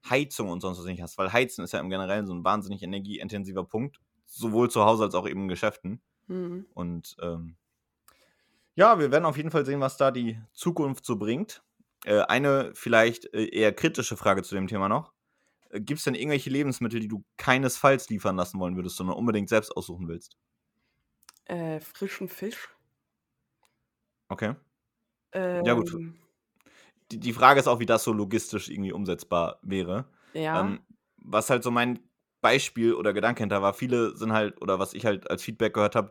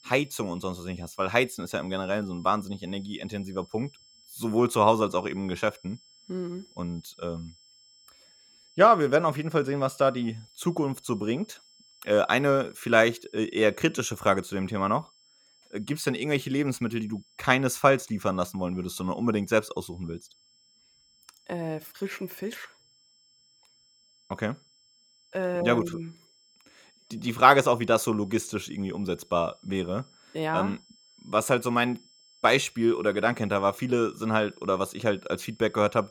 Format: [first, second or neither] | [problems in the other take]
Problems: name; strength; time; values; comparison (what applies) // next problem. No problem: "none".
first | high-pitched whine; faint; throughout; 5.5 kHz, 30 dB below the speech